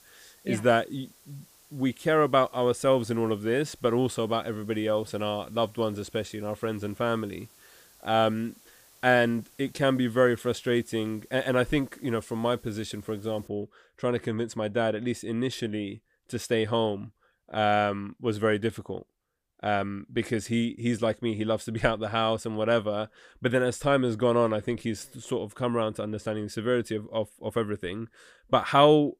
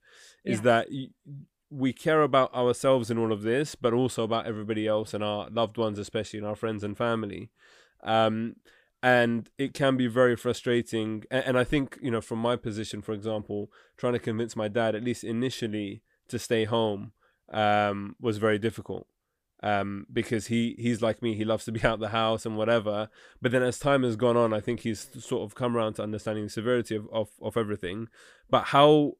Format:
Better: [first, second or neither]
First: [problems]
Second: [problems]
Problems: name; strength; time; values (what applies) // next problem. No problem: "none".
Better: second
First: hiss; faint; until 13 s; 25 dB below the speech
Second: none